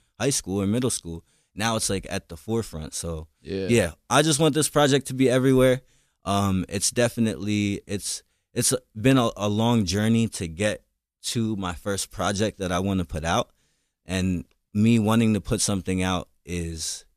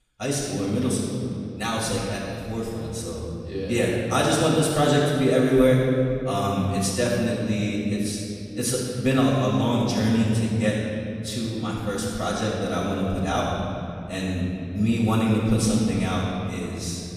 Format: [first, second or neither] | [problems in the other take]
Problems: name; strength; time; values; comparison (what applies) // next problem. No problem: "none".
first | off-mic speech; far // room echo; strong; dies away in 2.7 s